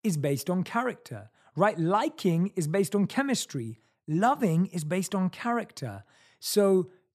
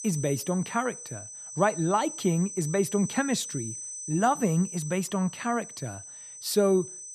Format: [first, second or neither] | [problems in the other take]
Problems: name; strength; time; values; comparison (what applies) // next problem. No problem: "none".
first | high-pitched whine; loud; throughout; 6 kHz, 10 dB below the speech